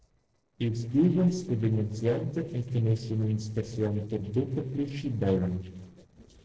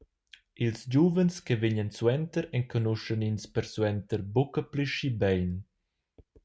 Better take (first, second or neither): second